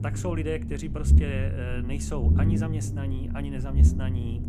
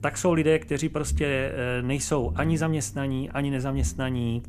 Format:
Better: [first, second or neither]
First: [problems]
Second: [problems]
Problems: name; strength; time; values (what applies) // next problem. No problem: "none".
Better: second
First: low rumble; loud; throughout; 3 dB below the speech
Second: low rumble; faint; throughout; 20 dB below the speech